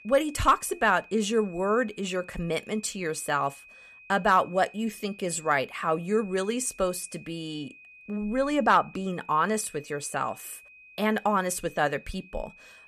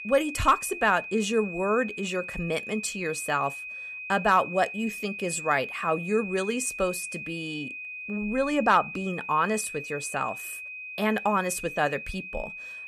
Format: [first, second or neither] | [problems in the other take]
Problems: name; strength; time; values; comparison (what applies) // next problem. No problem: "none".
first | high-pitched whine; loud; throughout; 2.5 kHz, 9 dB below the speech; faint in the first